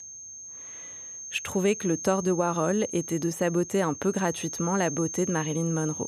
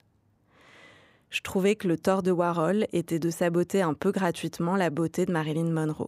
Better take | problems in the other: second | high-pitched whine; loud; throughout; 6.5 kHz, 9 dB below the speech

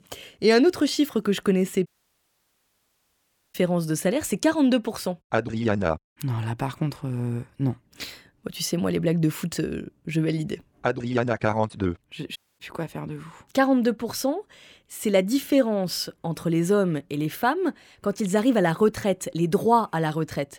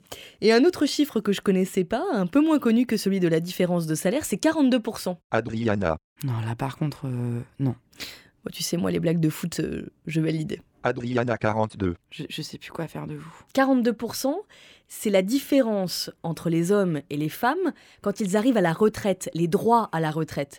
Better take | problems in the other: second | audio cutting out; at 2 s for 1.5 s and at 12 s

